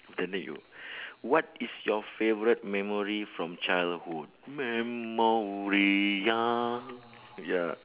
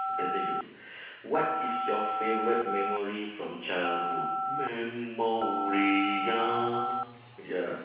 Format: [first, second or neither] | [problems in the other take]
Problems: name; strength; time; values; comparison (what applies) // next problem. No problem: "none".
first | background sound (Telephone); 1 dB below the speech // room echo; dies away in 1.1 s